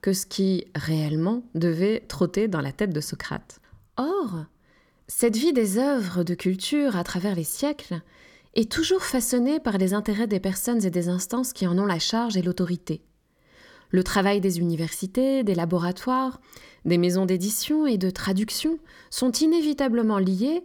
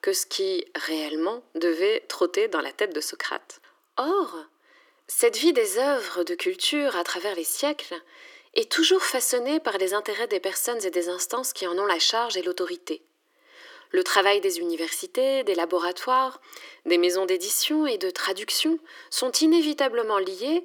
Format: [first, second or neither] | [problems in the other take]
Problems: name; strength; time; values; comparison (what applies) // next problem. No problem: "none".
first | thin; very; fading below 300 Hz